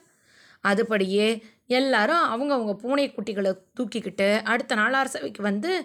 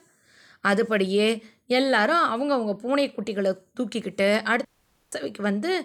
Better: first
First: none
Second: audio cutting out; at 4.5 s

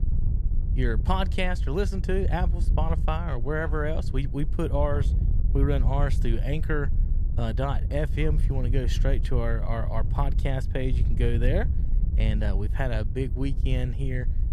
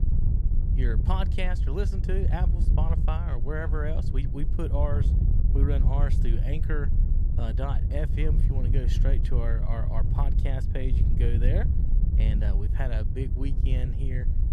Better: first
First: wind noise on the microphone; occasional gusts; 15 dB below the speech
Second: wind noise on the microphone; heavy; 5 dB below the speech

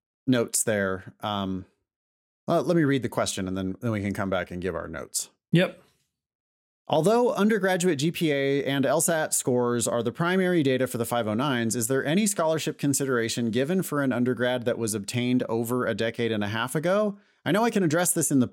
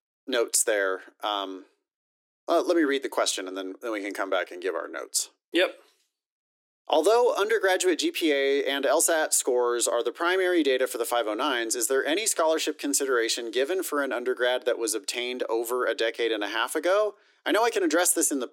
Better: first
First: none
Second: thin; somewhat; fading below 300 Hz

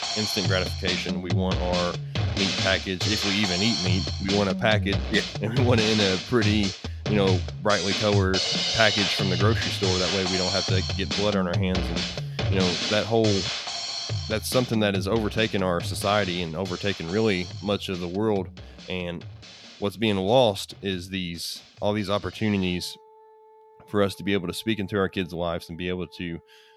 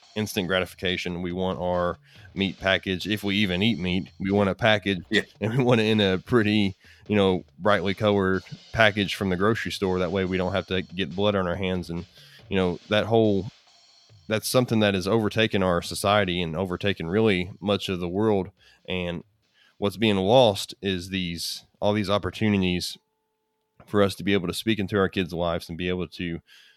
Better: second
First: background music; loud; throughout; 1 dB below the speech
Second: background music; faint; throughout; 30 dB below the speech

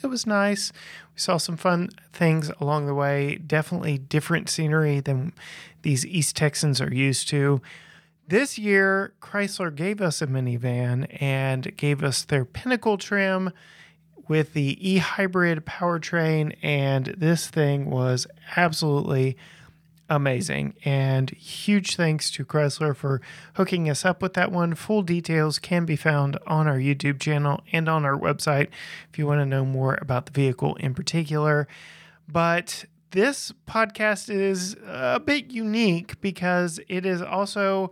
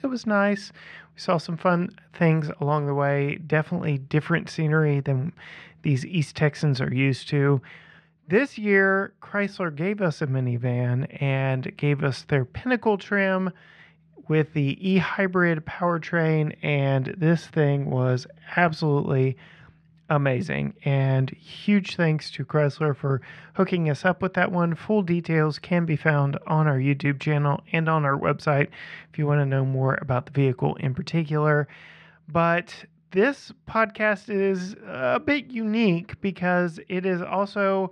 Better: first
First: none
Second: muffled; slightly; fading above 2.5 kHz

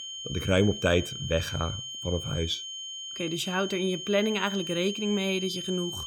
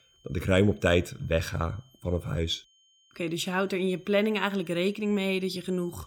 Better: second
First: high-pitched whine; loud; throughout; 3 kHz, 6 dB below the speech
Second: high-pitched whine; faint; throughout; 3 kHz, 30 dB below the speech

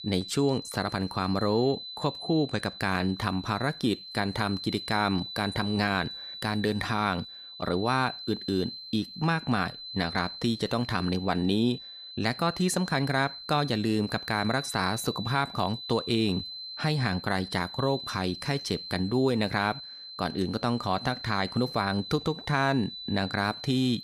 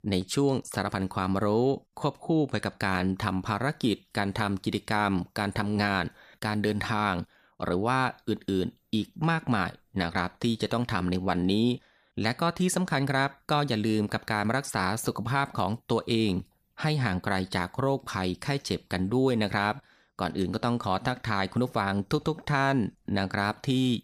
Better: second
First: high-pitched whine; loud; throughout; 4 kHz, 10 dB below the speech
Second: none

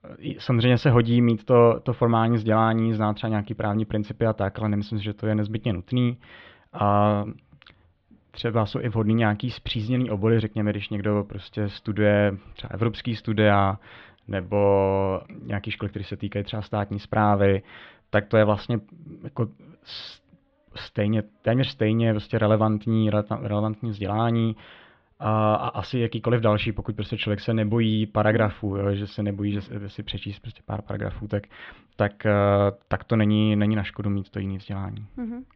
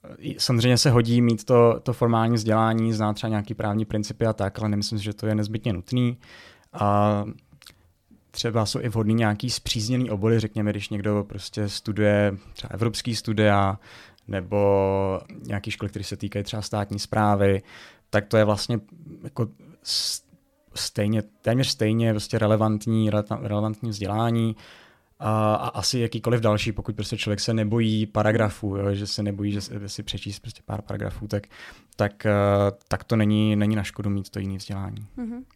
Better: second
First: muffled; very; fading above 3.5 kHz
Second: none

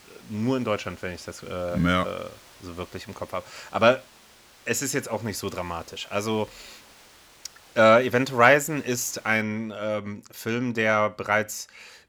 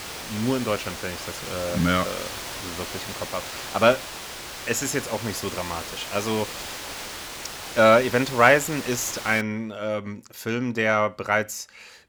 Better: first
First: hiss; faint; until 9.5 s; 25 dB below the speech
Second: hiss; loud; until 9.5 s; 10 dB below the speech

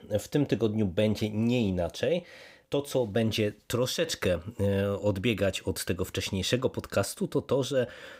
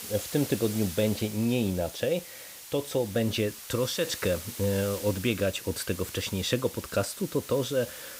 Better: first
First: none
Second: hiss; noticeable; throughout; 10 dB below the speech

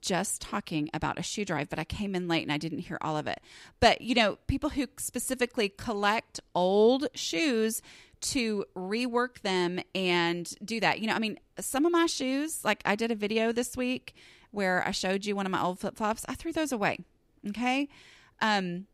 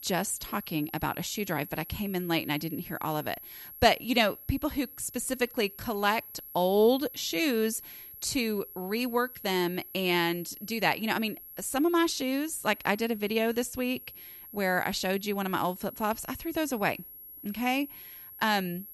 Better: first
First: none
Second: high-pitched whine; noticeable; throughout; 11.5 kHz, 15 dB below the speech

